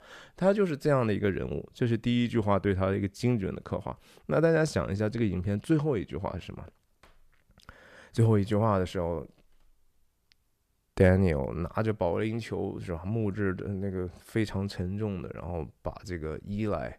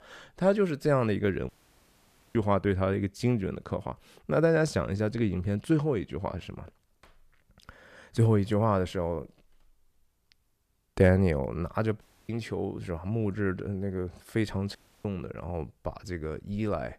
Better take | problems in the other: first | audio cutting out; at 1.5 s for 1 s, at 12 s and at 15 s

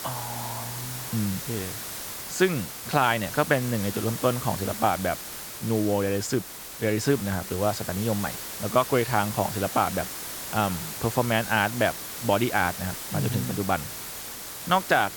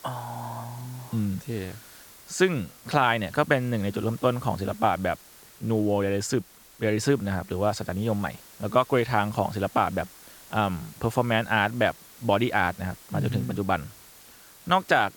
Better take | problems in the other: second | hiss; loud; throughout; 7 dB below the speech; faint in the second

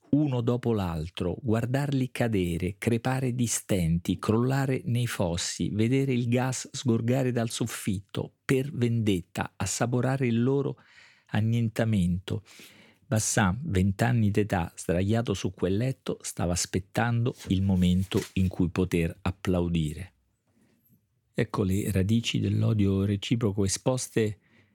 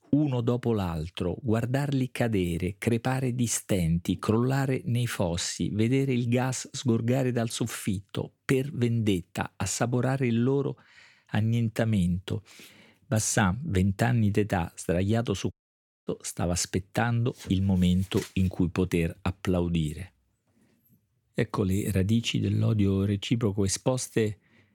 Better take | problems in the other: first | audio cutting out; at 16 s for 0.5 s

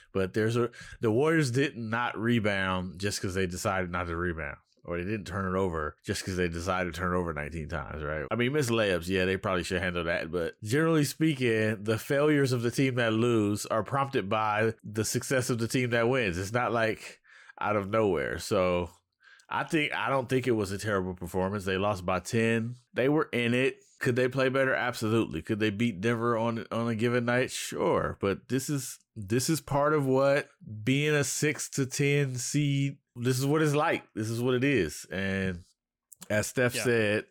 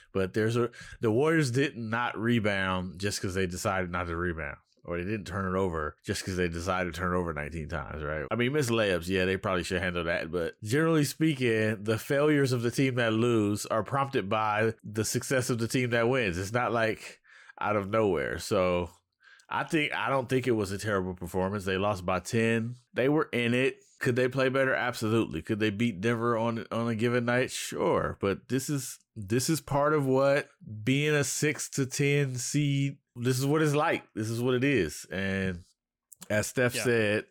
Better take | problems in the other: neither | none

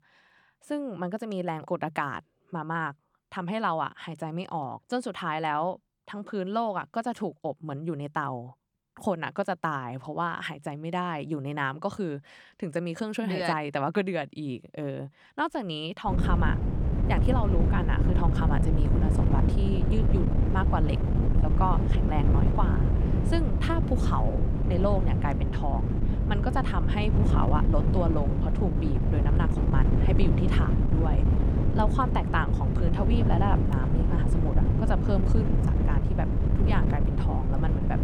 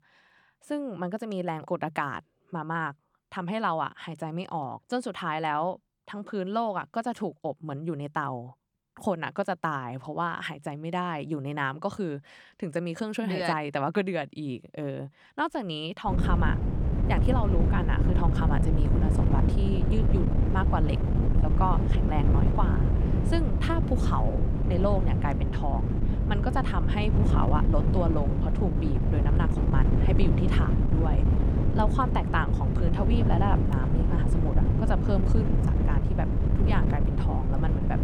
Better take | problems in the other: neither | wind noise on the microphone; heavy; from 16 s on; 4 dB below the speech; the same in both

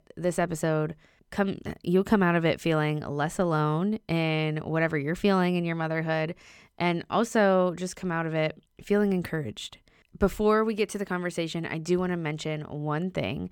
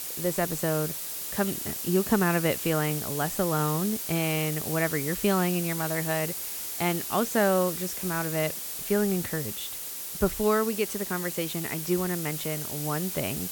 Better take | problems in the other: first | hiss; loud; throughout; 3 dB below the speech

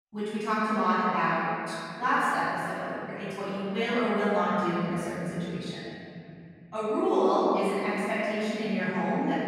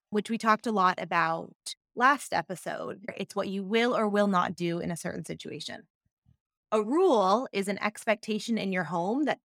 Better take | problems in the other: second | room echo; strong; dies away in 3 s // off-mic speech; far

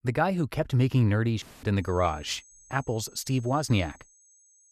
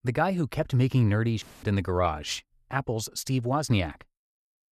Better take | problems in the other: second | high-pitched whine; faint; from 2 s on; 6.5 kHz, 25 dB below the speech

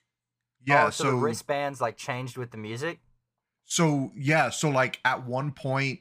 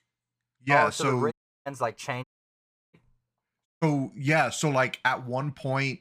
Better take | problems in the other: first | audio cutting out; at 1.5 s, at 2 s for 0.5 s and at 3.5 s

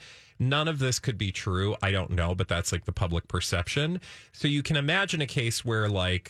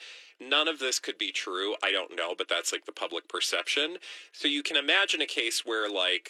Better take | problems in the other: first | thin; very; fading below 300 Hz

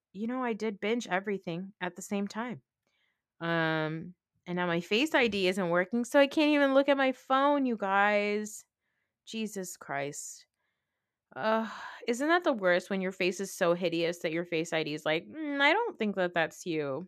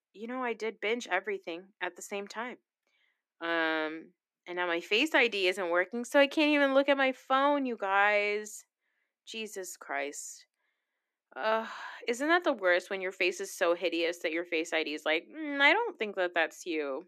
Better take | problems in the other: first | thin; very slightly; fading below 250 Hz

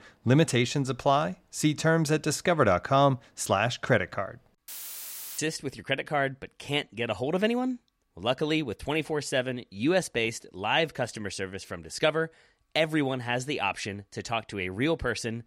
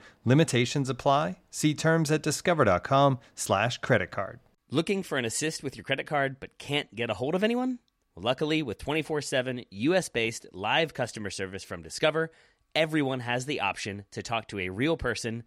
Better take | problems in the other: second | audio cutting out; filled with static; at 4.5 s for 0.5 s

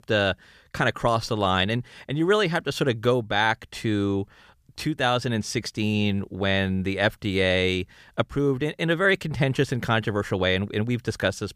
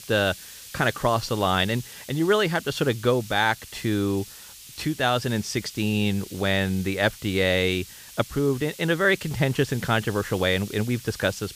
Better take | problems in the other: first | hiss; noticeable; throughout; 15 dB below the speech

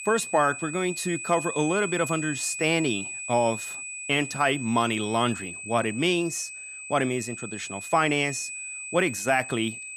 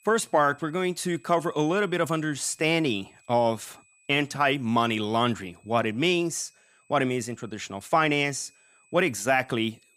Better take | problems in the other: second | high-pitched whine; loud; throughout; 2.5 kHz, 8 dB below the speech; faint in the second

